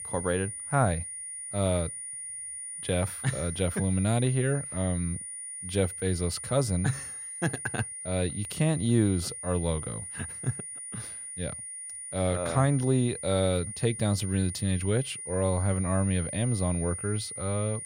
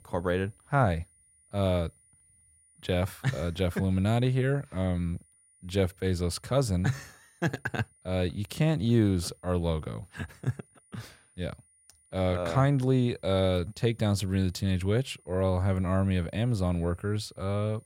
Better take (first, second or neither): second